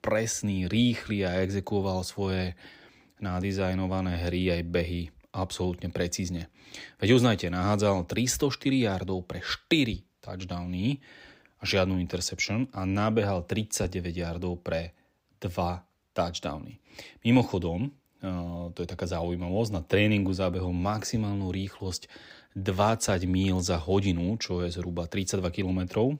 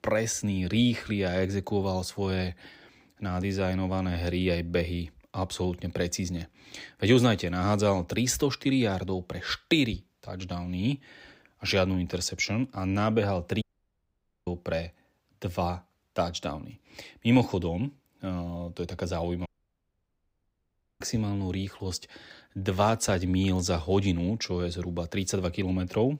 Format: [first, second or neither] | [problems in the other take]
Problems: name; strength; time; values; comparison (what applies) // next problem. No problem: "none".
first | audio cutting out; at 14 s for 1 s and at 19 s for 1.5 s